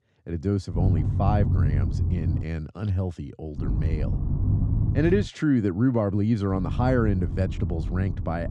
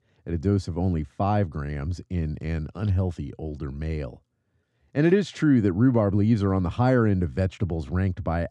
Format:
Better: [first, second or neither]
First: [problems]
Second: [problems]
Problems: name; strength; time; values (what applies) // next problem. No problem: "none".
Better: second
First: low rumble; loud; from 1 to 2.5 s, from 3.5 to 5.5 s and from 6.5 s on; 9 dB below the speech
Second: none